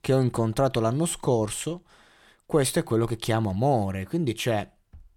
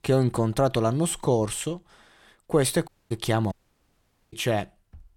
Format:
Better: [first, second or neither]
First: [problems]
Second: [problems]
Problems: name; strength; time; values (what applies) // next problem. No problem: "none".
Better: first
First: none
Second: audio cutting out; at 3 s and at 3.5 s for 1 s